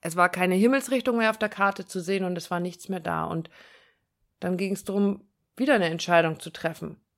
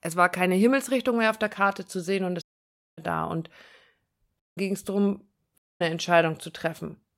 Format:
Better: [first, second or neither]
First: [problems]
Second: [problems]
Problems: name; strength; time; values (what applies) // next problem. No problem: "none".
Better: first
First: none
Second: audio cutting out; at 2.5 s for 0.5 s, at 4.5 s and at 5.5 s